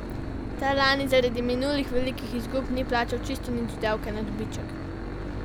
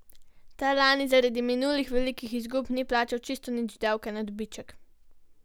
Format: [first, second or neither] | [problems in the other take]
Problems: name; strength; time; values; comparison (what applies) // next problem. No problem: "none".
second | background sound (Engine / Boat, Water vehicle); 5 dB below the speech